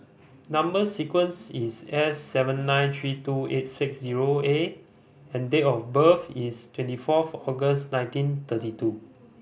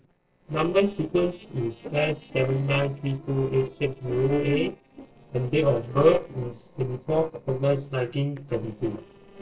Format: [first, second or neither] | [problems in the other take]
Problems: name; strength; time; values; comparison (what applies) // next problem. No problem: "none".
first | noise reduction (neural separator model SepFormer DNS4)